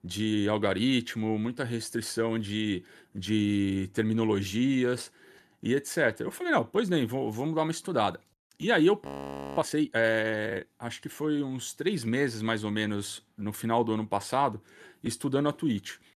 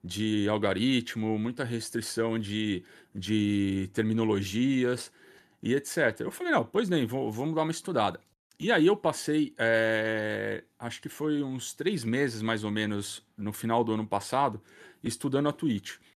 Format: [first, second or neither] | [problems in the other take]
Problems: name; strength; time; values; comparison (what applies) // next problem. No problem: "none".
second | audio freezing; at 9 s for 0.5 s